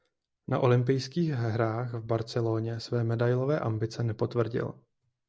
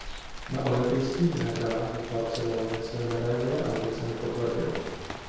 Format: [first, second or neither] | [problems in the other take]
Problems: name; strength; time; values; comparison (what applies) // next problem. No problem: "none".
first | background sound (Rain); 10 dB below the speech // room echo; dies away in 1.2 s